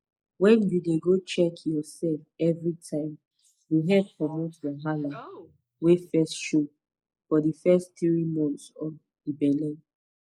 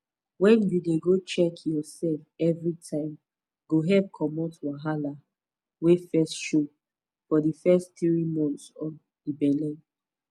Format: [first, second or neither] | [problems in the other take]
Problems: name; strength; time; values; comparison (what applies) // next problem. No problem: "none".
second | noise reduction (neural mask model Resemble Enhance denoiser)